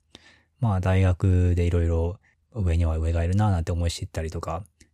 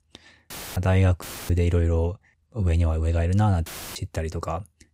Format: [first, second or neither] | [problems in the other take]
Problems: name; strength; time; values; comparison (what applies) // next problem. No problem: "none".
first | audio cutting out; filled with static; at 0.5 s, at 1 s and at 3.5 s